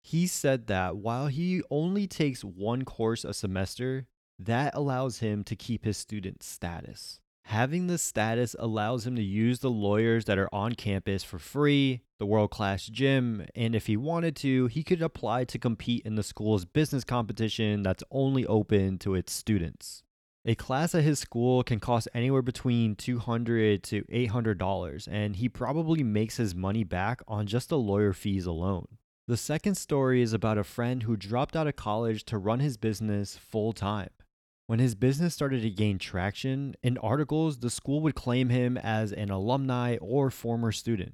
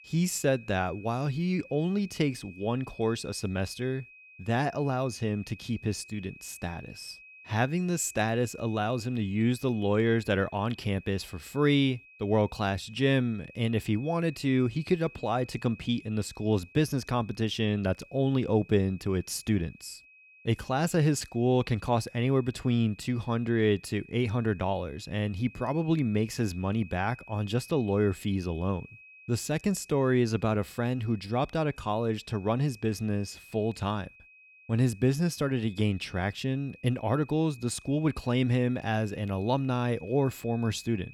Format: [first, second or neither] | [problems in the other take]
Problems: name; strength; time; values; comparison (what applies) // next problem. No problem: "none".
first | high-pitched whine; faint; throughout; 2.5 kHz, 20 dB below the speech